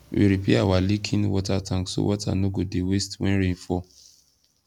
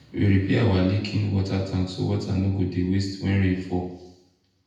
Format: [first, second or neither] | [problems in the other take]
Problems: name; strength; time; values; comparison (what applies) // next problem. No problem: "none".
first | room echo; dies away in 0.9 s